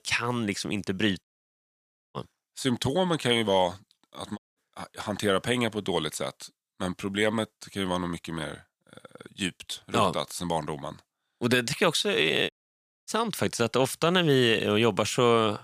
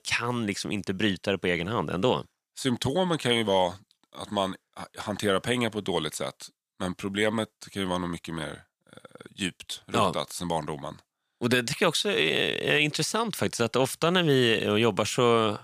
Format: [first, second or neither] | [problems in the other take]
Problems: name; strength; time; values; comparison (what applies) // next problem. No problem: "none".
second | audio cutting out; at 1 s for 1 s, at 4.5 s and at 13 s for 0.5 s